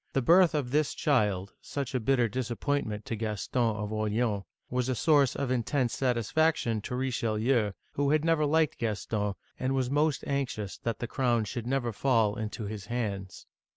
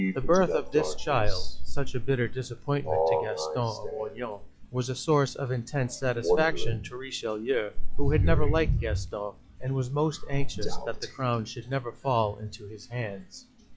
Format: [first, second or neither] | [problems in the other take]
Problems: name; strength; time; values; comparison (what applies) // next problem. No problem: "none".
first | noise reduction (classical method log-MMSE)